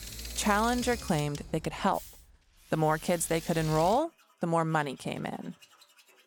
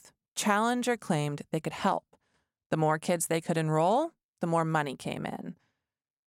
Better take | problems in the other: second | machinery noise; noticeable; throughout; 15 dB below the speech

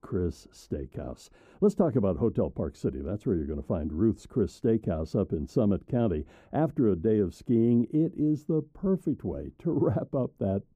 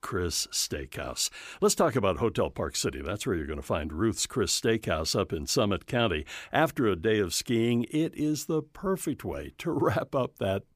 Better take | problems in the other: second | muffled; very; fading above 1 kHz

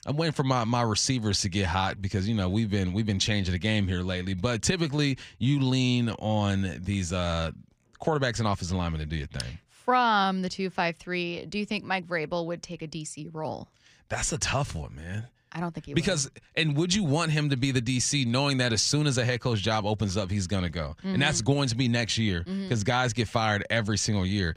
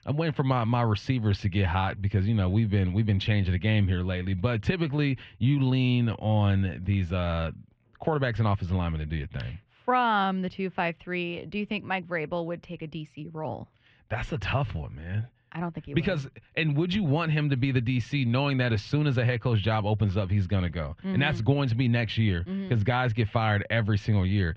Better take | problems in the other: first | muffled; very; fading above 3 kHz

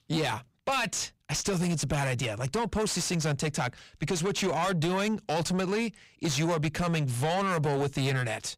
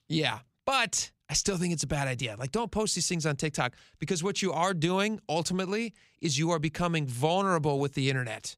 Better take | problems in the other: second | distortion; heavy; 7 dB below the speech

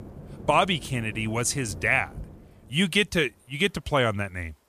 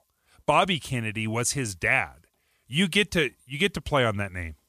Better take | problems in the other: second | rain or running water; noticeable; throughout; 20 dB below the speech

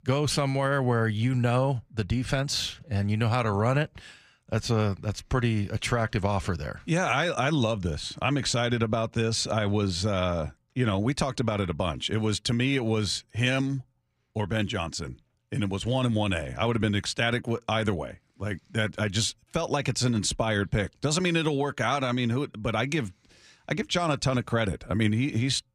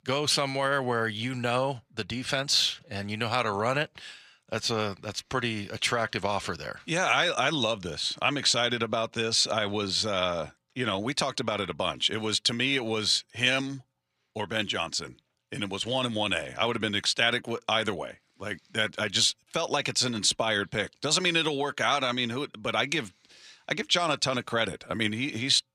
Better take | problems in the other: first | thin; somewhat; fading below 500 Hz

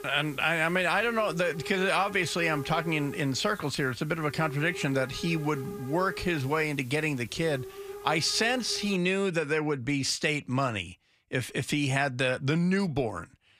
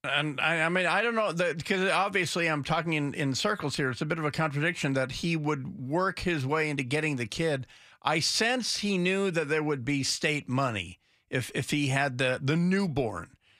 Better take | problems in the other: second | hiss; noticeable; until 9 s; 15 dB below the speech

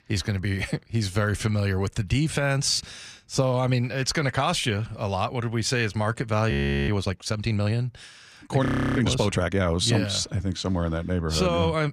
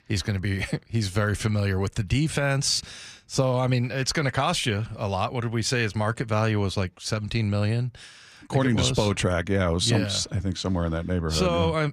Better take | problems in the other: second | audio freezing; at 6.5 s and at 8.5 s

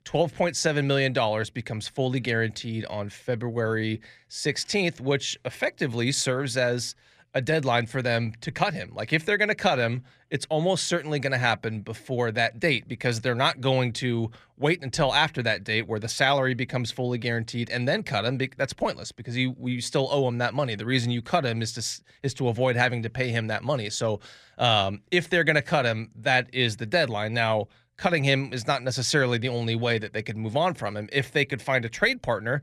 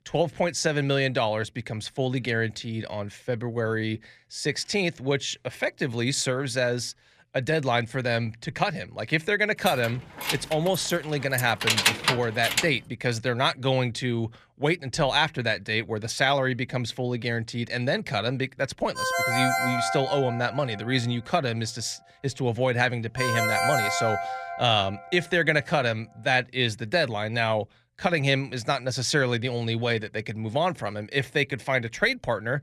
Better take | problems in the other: first | jangling keys; loud; from 9.5 to 13 s; peak 6 dB above the speech // phone ringing; loud; from 19 to 25 s; peak 3 dB above the speech

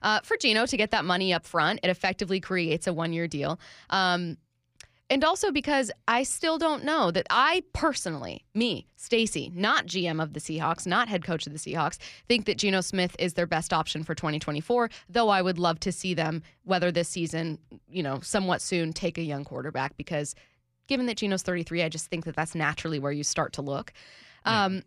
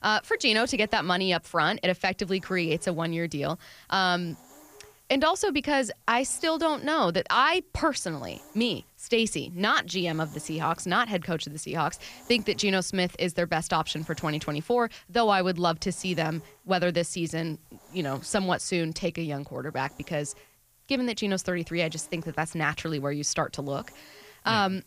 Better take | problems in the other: first | hiss; faint; throughout; 25 dB below the speech

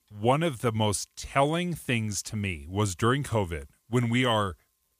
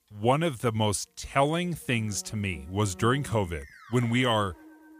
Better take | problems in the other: first | background music; faint; throughout; 20 dB below the speech

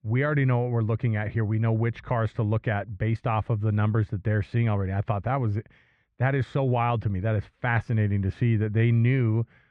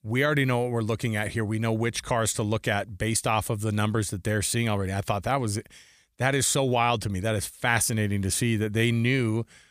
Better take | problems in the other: second | muffled; very; fading above 2 kHz

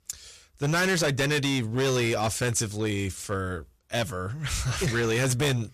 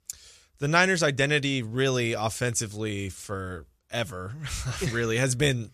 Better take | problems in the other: second | distortion; heavy; 14% of the sound clipped

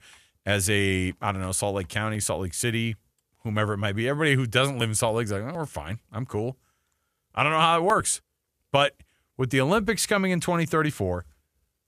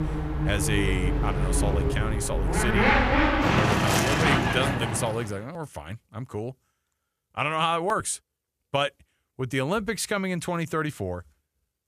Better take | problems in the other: first | traffic noise; very loud; until 5 s; 4 dB above the speech

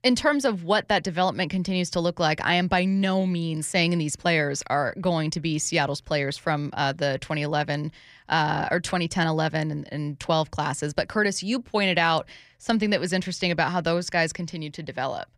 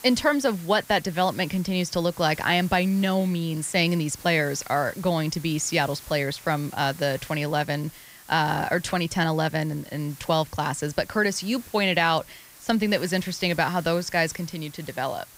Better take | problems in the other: first | hiss; noticeable; throughout; 20 dB below the speech

